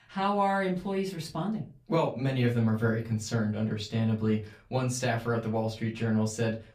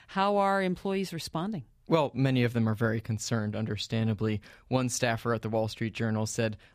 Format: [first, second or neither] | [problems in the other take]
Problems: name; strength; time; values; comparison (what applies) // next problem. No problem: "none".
second | off-mic speech; far // room echo; very slight; dies away in 0.2 s